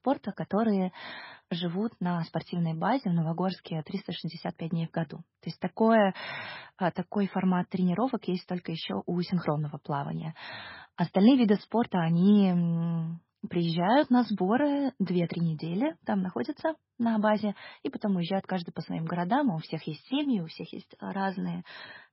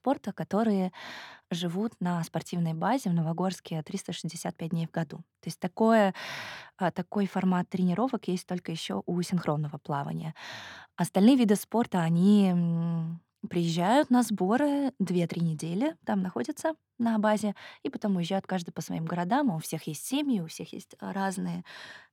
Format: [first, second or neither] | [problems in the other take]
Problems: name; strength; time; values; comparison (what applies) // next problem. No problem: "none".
second | garbled, watery; badly; nothing above 5.5 kHz